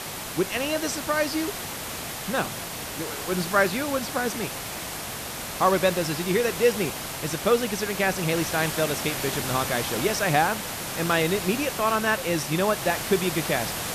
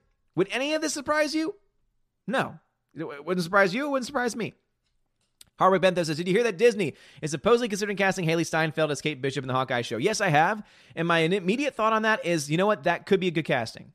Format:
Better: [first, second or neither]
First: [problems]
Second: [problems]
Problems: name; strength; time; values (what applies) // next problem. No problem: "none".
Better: second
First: hiss; loud; throughout; 5 dB below the speech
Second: none